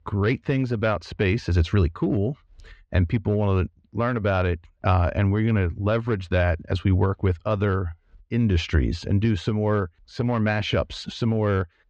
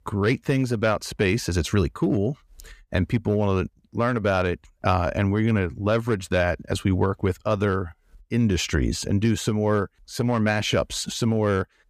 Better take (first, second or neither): second